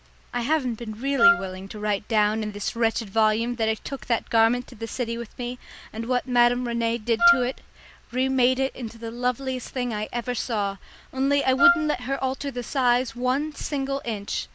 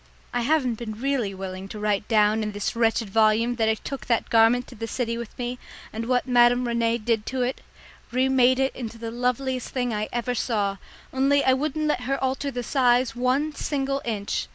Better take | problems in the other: second | background sound (Wind instrument, woodwind instrument); 2 dB above the speech

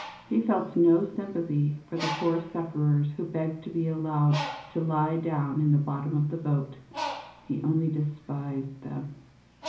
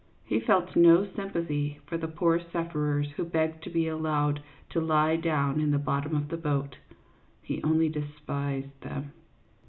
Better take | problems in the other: second | background sound (Bird); 14 dB below the speech // room echo; dies away in 0.6 s

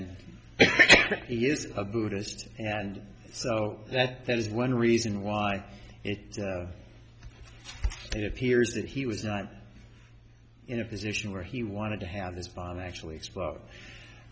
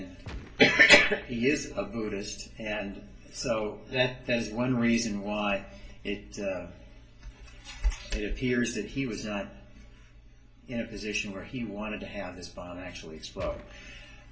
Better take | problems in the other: first | background sound (Gunshot, gunfire); 13 dB below the speech // room echo; dies away in 0.2 s

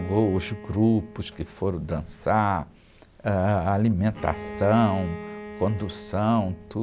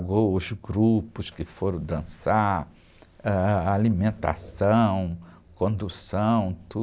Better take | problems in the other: second | background sound (Bowed string instrument); 16 dB below the speech

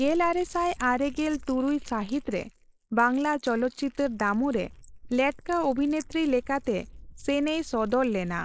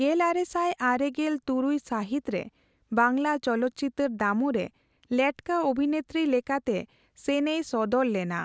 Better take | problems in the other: second | noise reduction (neural mask model Resemble Enhance denoiser)

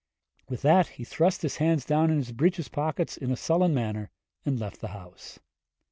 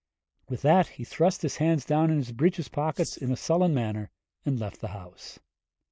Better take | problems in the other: first | noise reduction (neural mask model Resemble Enhance denoiser)

